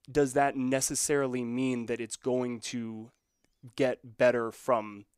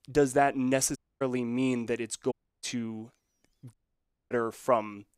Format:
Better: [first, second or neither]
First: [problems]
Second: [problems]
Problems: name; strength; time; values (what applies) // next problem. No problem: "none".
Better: first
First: none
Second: audio cutting out; at 1 s, at 2.5 s and at 3.5 s for 0.5 s